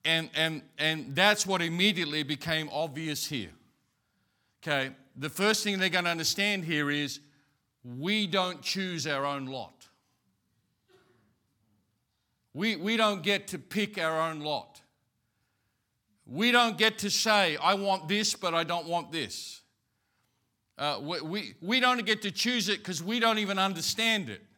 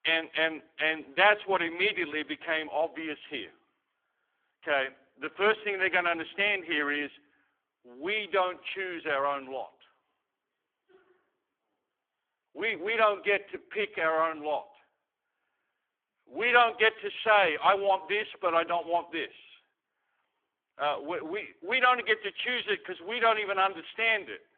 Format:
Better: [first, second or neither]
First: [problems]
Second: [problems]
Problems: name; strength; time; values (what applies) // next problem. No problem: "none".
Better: first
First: none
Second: phone-call audio; poor line; nothing above 3.5 kHz